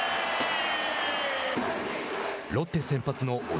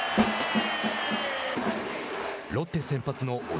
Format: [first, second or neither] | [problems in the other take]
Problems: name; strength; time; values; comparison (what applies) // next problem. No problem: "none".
first | background sound (Snare drum); 2 dB below the speech